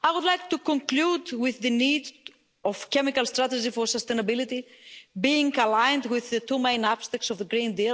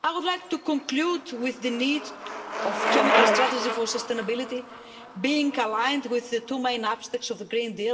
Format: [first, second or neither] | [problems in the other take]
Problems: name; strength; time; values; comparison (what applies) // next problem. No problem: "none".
first | background sound (Bicycle); 2 dB below the speech // room echo; dies away in 0.6 s